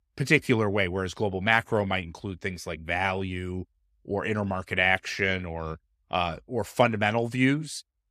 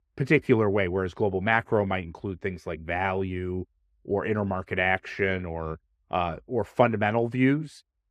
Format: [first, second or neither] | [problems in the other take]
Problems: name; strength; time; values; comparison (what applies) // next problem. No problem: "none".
first | muffled; slightly; fading above 3 kHz